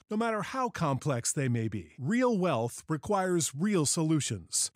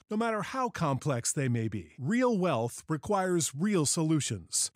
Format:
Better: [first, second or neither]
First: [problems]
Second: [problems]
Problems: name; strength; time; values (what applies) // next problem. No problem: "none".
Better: neither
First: none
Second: none